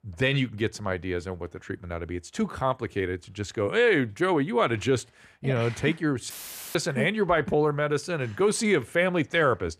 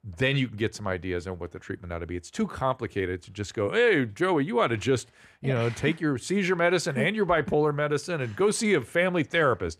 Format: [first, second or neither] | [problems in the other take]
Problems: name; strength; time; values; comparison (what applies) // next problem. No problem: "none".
second | audio cutting out; filled with static; at 6.5 s